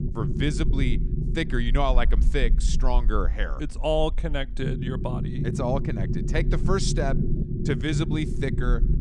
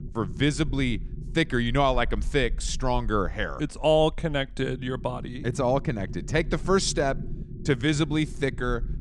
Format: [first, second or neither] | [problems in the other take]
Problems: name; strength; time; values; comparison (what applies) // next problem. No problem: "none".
second | low rumble; loud; throughout; 9 dB below the speech; faint in the second